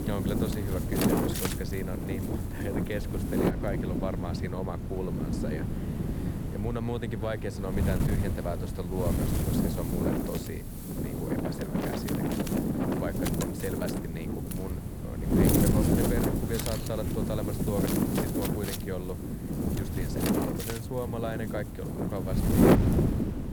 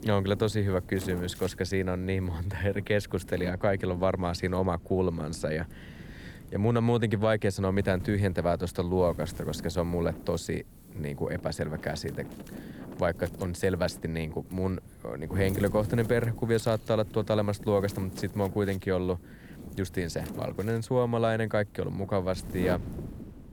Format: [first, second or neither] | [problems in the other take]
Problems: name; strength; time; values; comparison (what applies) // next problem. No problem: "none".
second | wind noise on the microphone; heavy; 4 dB above the speech; occasional gusts in the second